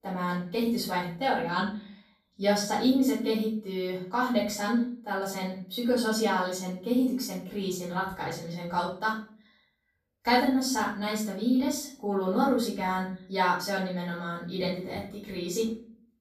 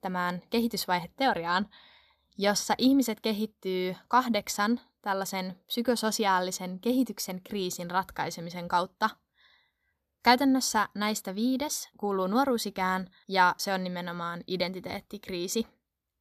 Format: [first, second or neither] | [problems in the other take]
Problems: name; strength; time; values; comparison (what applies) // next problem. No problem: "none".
second | off-mic speech; far // room echo; noticeable; dies away in 0.4 s